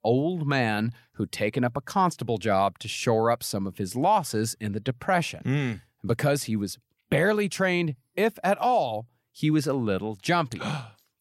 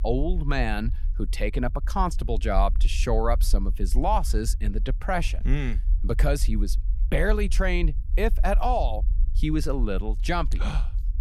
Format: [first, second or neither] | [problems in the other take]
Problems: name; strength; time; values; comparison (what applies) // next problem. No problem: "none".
first | low rumble; faint; throughout; 20 dB below the speech